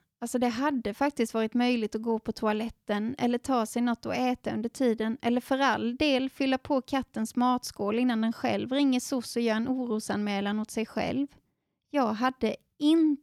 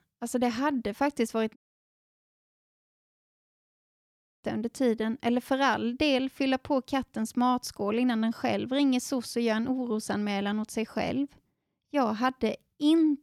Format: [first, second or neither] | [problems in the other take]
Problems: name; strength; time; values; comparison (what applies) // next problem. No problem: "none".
first | audio cutting out; at 1.5 s for 3 s